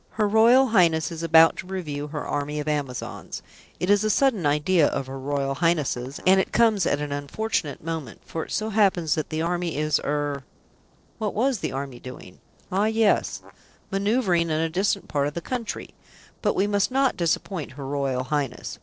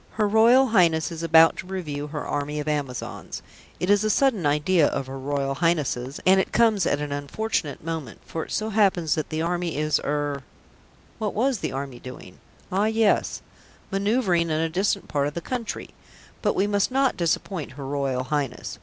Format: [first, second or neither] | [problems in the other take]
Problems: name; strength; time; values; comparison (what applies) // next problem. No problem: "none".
second | noise reduction (neural separator model SepFormer DNS4)